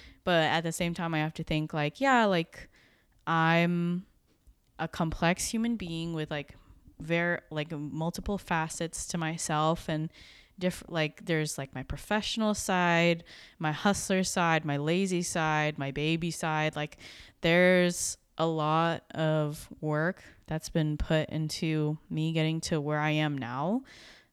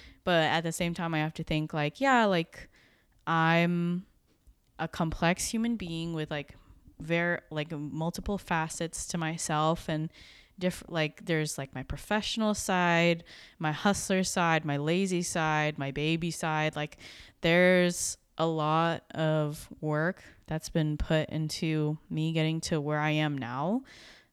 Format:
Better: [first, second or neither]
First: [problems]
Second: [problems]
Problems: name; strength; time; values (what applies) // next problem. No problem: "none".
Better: neither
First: none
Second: none